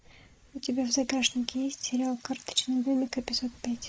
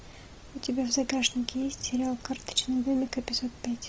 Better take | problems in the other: second | noise reduction (neural mask model Resemble Enhance denoiser)

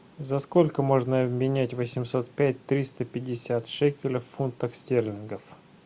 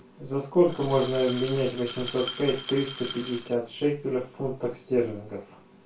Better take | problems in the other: first | background sound (Glass); 12 dB below the speech // room echo; dies away in 0.2 s

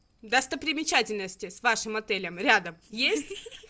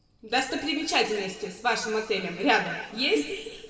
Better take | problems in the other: first | room echo; dies away in 1.7 s

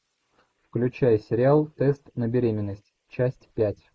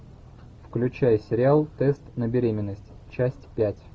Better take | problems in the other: second | noise reduction (neural mask model Resemble Enhance denoiser)

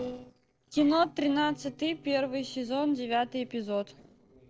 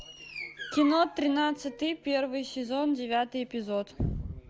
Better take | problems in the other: second | noise reduction (neural separator model SepFormer DNS4)

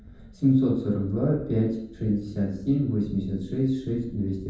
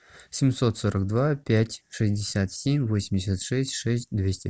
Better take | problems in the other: second | background sound (Wind); 20 dB below the speech // room echo; dies away in 0.9 s

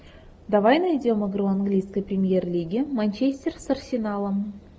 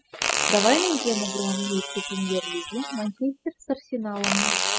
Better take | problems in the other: first | noise reduction (classical method spectral subtraction)

